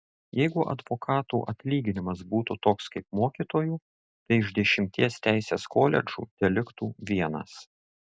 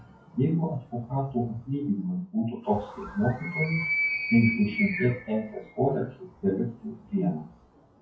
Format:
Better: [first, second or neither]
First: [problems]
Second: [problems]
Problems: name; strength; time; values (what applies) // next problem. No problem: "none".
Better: first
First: none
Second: noise reduction (classical method WPE with log-MMSE)